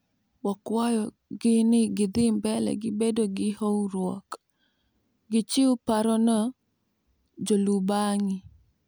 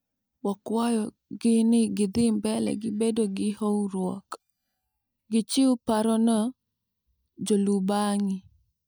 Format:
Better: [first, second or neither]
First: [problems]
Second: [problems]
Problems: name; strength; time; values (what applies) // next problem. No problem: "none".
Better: first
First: none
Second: noise reduction (neural mask model DeepFilterNet 3)